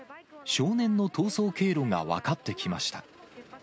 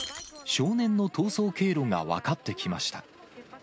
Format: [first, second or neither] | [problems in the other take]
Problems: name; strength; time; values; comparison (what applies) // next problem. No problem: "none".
first | background sound (Shatter); 20 dB below the speech